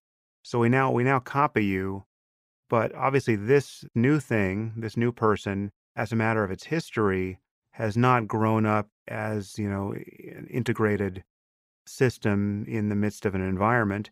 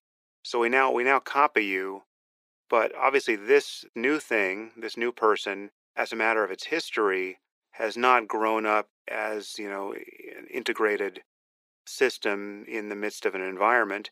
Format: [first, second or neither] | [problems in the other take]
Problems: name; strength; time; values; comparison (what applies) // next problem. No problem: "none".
first | thin; very; fading below 350 Hz